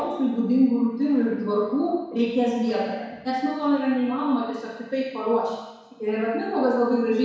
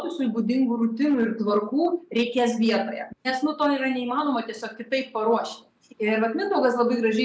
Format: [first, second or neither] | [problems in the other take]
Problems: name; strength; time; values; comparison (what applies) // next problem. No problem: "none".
second | room echo; dies away in 1.1 s